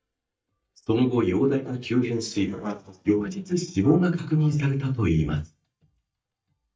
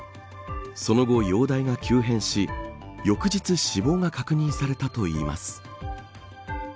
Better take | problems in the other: second | noise reduction (neural mask model DeepFilterNet 3)

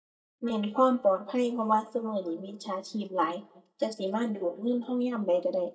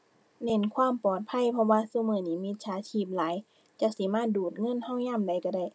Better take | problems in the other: second | noise reduction (neural mask model DeepFilterNet 3)

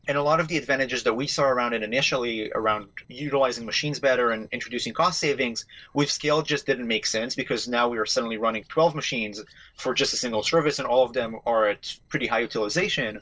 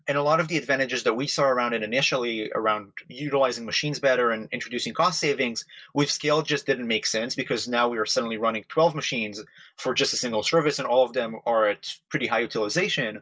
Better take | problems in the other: second | noise reduction (neural separator model SepFormer DNS4)

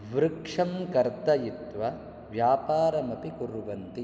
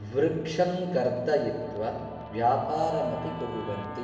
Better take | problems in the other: first | background sound (Guitar); 16 dB below the speech // room echo; dies away in 1.1 s

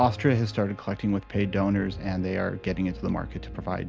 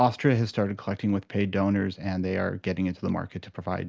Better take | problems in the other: second | background sound (Piano); 13 dB below the speech

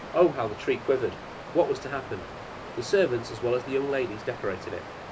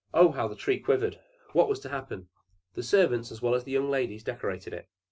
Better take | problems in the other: second | background sound (Water); 12 dB below the speech

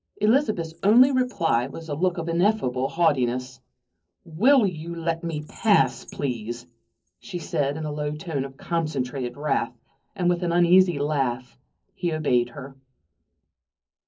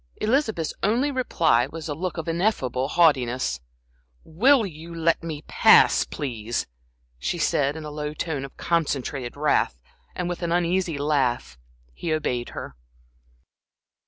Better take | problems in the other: second | noise reduction (neural separator model SepFormer DNS4)

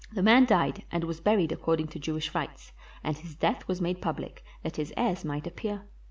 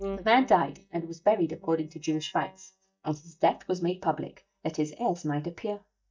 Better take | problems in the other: first | noise reduction (neural mask model DeepFilterNet 3)

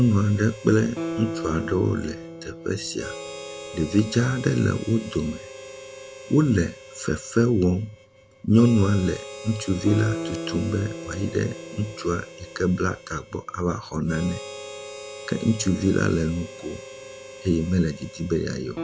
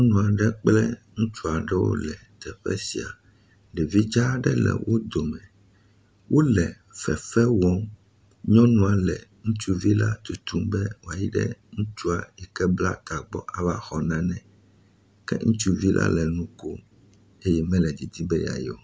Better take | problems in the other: second | background sound (Guitar + Harmonica); 12 dB below the speech

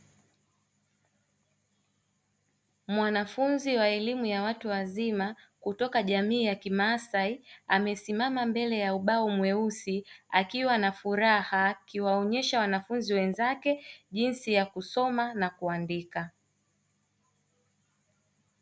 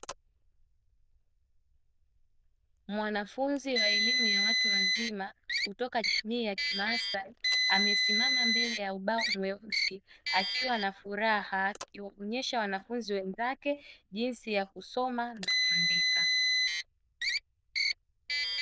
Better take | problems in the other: first | noise reduction (neural diffusion model UNIVERSE++)

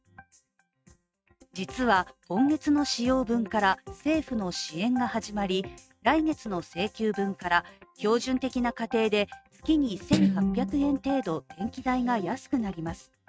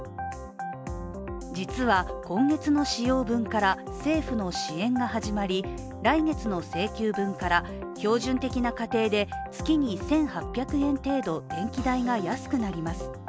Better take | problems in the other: second | noise reduction (neural mask model RNNoise)

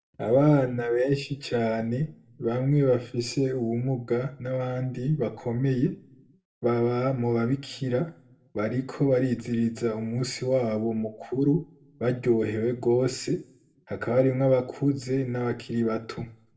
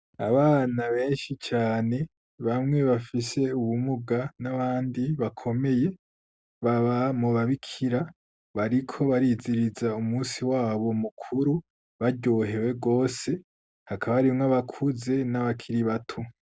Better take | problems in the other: second | room echo; dies away in 0.3 s

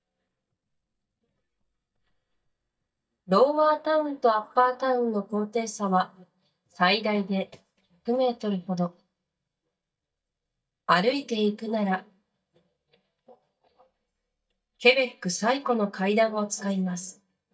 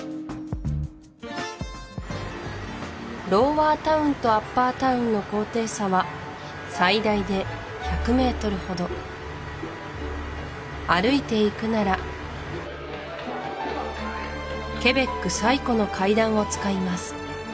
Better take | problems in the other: second | noise reduction (neural mask model DeepFilterNet 3)

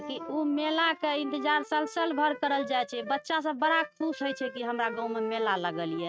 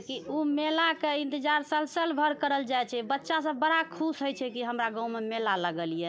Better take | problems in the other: second | noise reduction (neural mask model RNNoise)

